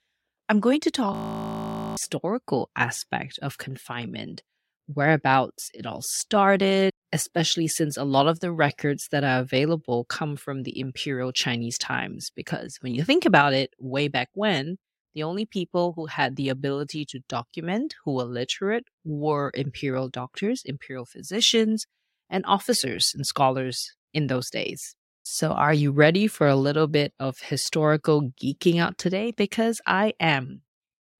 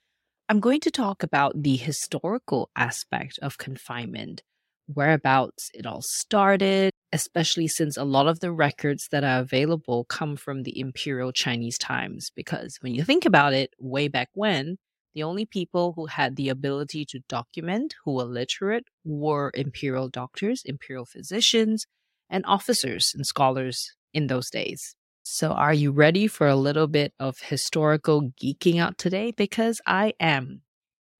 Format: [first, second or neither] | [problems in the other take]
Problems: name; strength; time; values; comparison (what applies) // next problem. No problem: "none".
second | audio freezing; at 1 s for 1 s